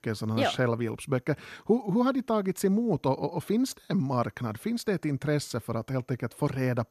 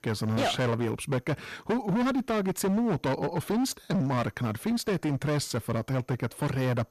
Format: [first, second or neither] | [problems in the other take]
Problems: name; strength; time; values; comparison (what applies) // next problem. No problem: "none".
first | distortion; heavy; 21% of the sound clipped